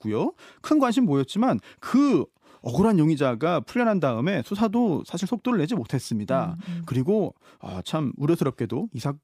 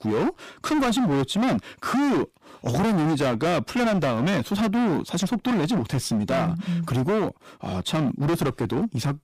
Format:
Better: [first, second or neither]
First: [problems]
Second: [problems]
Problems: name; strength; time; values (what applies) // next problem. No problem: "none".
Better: first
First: none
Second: distortion; heavy; 28% of the sound clipped